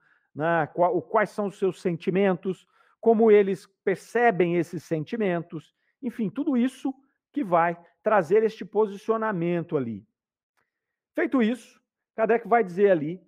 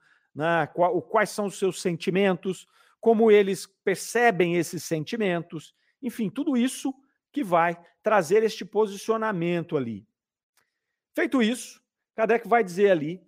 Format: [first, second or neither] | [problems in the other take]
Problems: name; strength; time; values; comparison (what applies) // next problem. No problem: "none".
second | muffled; slightly; fading above 3 kHz